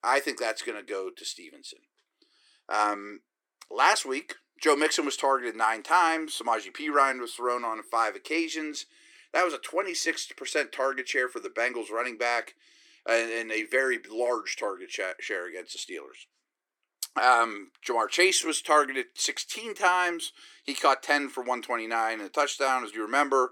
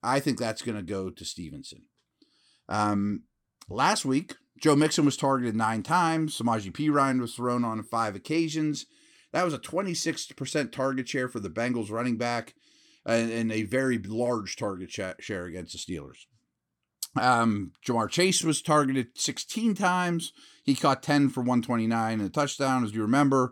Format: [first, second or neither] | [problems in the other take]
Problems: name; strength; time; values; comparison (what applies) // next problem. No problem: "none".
second | thin; very; fading below 350 Hz